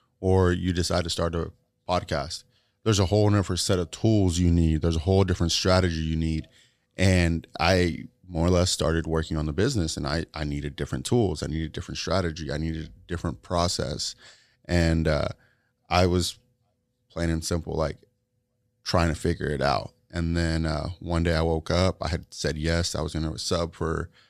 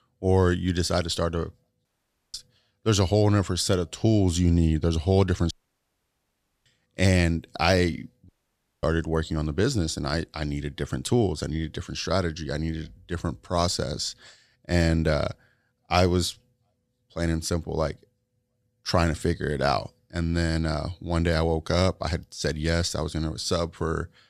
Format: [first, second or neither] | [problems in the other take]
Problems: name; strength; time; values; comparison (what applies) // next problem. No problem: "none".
first | audio cutting out; at 2 s, at 5.5 s for 1 s and at 8.5 s for 0.5 s